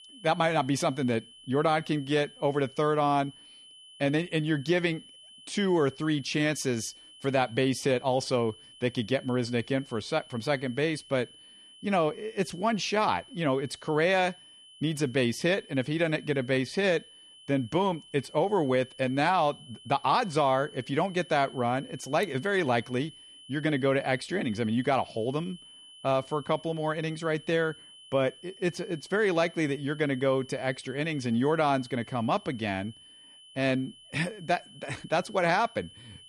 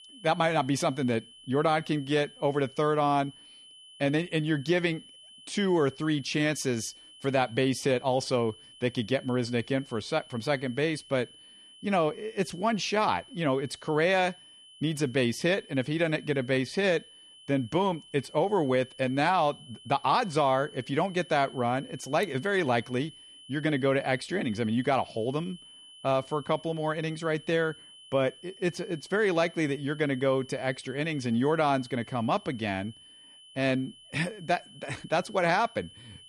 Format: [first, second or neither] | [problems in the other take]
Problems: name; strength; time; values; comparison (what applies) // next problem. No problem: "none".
neither | high-pitched whine; faint; throughout; 3 kHz, 20 dB below the speech; the same in both